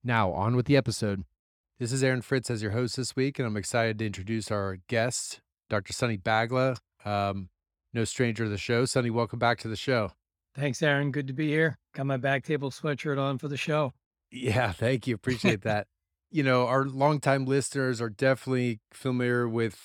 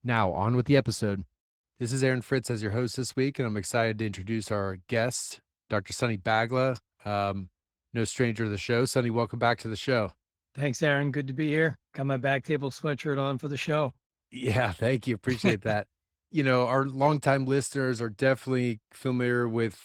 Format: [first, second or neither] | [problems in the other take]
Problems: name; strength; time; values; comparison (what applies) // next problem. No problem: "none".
first | garbled, watery; slightly; nothing above 18.5 kHz